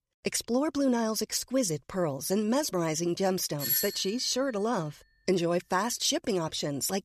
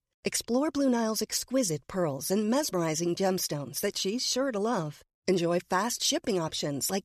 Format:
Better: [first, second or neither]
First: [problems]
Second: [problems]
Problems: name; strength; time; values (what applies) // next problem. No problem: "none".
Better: second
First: doorbell; loud; at 3.5 s; peak 1 dB above the speech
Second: none